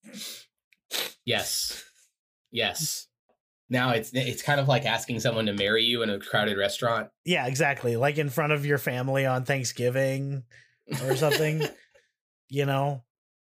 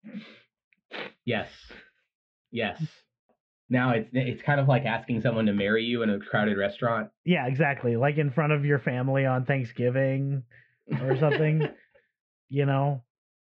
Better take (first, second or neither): first